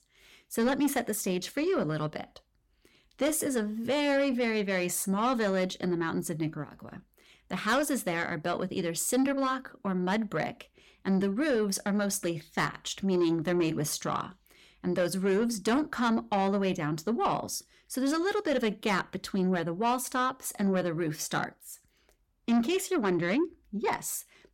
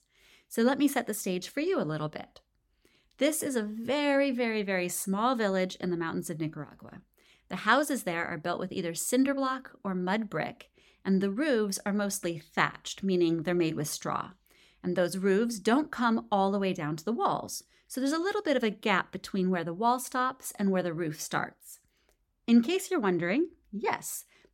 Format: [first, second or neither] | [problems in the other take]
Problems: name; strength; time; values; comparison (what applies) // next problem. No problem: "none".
second | distortion; slight; 10 dB below the speech